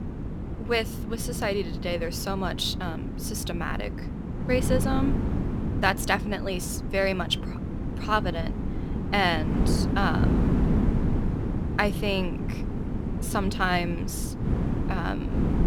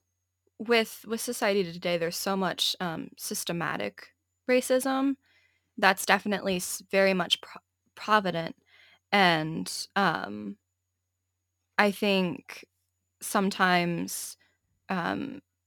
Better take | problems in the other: second | wind noise on the microphone; heavy; 9 dB below the speech

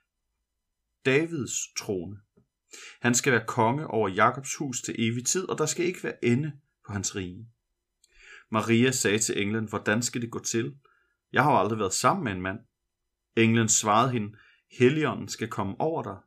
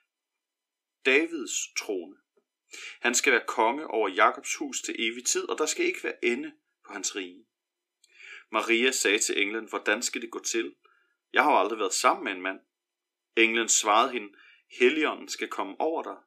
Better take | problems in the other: first | thin; somewhat; fading below 300 Hz

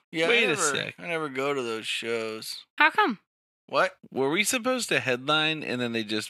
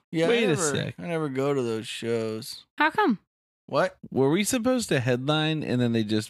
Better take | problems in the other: second | thin; somewhat; fading below 500 Hz

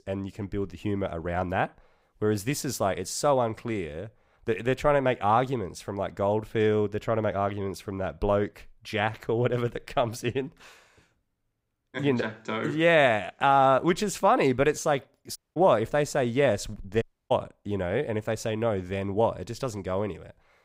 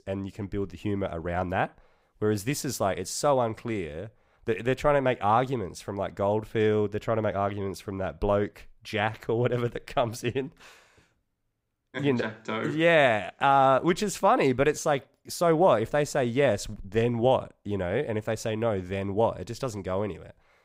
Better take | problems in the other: second | audio cutting out; at 15 s and at 17 s

